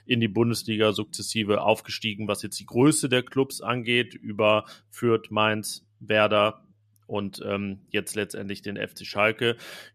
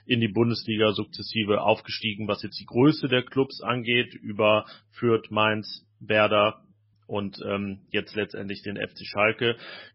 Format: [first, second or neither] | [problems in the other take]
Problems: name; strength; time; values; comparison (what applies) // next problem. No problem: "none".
first | garbled, watery; badly; nothing above 5.5 kHz